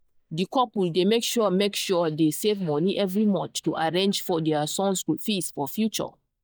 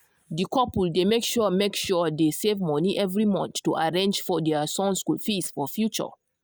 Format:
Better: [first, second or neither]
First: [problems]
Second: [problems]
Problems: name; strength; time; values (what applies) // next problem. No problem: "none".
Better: second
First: noise reduction (neural mask model DeepFilterNet 3)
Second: none